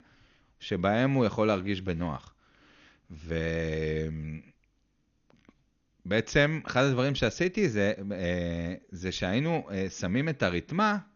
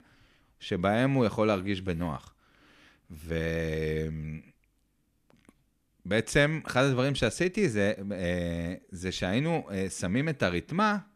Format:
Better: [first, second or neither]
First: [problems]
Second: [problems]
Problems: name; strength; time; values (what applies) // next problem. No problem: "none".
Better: second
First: garbled, watery; slightly; nothing above 6.5 kHz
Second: none